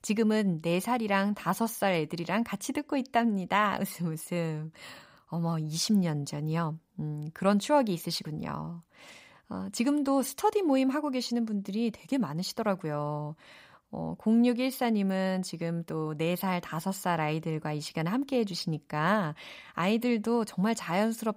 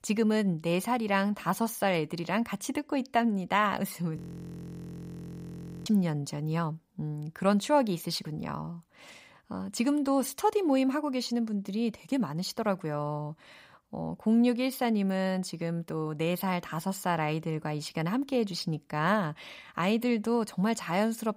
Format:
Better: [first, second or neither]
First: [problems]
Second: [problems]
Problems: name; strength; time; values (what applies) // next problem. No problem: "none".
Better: first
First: none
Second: audio freezing; at 4 s for 1.5 s